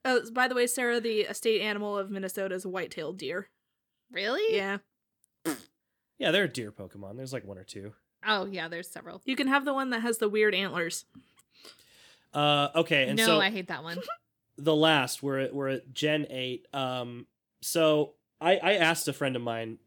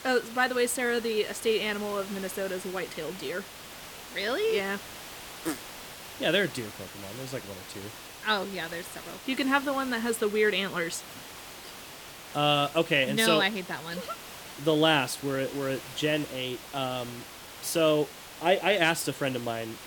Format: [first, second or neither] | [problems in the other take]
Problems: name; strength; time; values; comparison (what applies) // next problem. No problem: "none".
first | hiss; noticeable; throughout; 15 dB below the speech